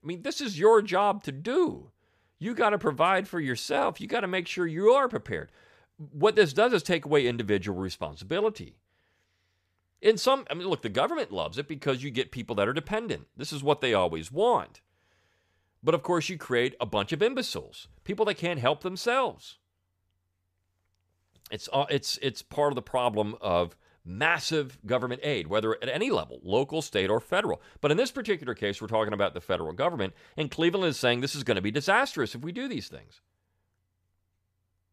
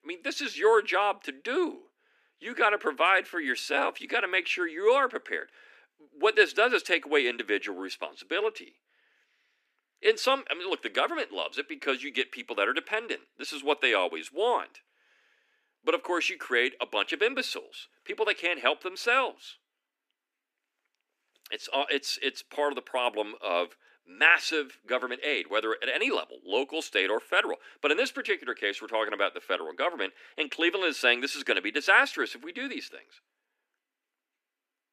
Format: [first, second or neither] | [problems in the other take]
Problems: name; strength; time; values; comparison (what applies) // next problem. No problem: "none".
first | thin; somewhat; fading below 250 Hz